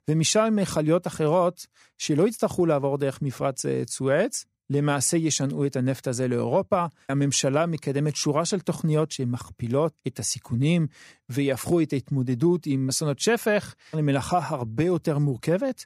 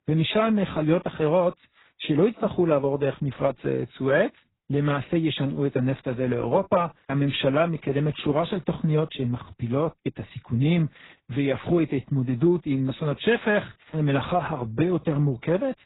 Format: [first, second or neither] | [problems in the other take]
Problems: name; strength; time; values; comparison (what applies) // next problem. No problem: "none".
first | garbled, watery; badly; nothing above 4 kHz